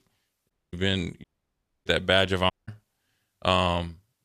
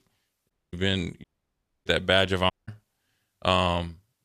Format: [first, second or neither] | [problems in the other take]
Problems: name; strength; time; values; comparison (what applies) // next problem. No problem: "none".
neither | audio cutting out; at 0.5 s, at 1 s for 0.5 s and at 2.5 s; the same in both